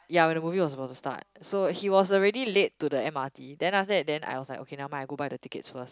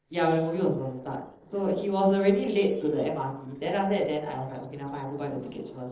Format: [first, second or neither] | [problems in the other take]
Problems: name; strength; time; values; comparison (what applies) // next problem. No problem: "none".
first | noise reduction (neural separator model SepFormer DNS4)